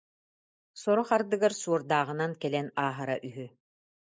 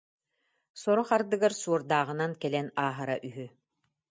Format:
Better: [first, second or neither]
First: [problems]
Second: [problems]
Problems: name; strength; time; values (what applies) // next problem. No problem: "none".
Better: second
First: noise reduction (neural mask model Resemble Enhance denoiser)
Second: none